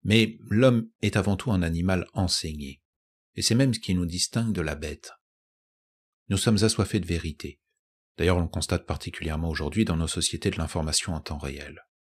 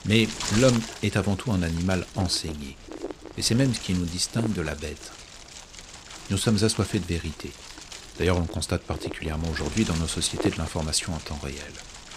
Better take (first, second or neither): first